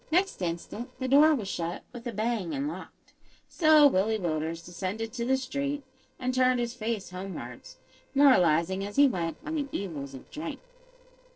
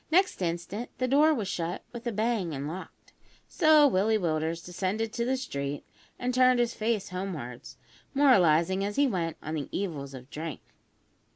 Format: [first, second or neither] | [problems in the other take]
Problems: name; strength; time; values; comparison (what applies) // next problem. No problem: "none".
second | noise reduction (neural separator model SepFormer DNS4)